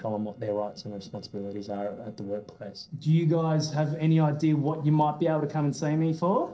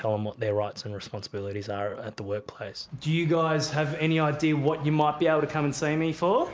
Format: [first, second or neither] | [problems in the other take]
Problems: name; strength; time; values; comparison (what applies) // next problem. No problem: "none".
second | noise reduction (neural separator model SepFormer DNS4)